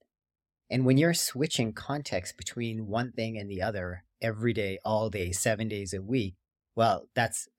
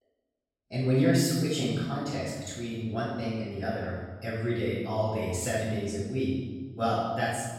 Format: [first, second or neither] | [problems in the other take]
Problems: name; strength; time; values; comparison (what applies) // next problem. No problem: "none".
first | off-mic speech; far // room echo; strong; dies away in 1.4 s